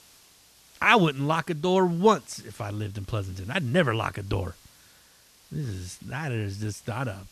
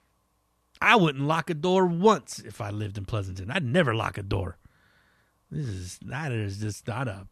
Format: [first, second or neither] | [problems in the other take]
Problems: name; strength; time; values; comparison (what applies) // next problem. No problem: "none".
second | hiss; faint; throughout; 25 dB below the speech